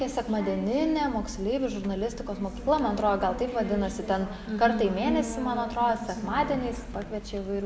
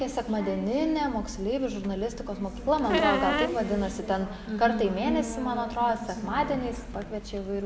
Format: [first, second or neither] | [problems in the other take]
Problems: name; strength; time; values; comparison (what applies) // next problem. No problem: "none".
first | background sound (Squeak); 1 dB below the speech